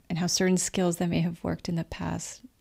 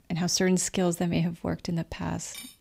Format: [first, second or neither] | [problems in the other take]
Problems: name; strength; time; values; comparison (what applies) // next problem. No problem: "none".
first | clattering dishes; very faint; at 2.5 s; peak 15 dB below the speech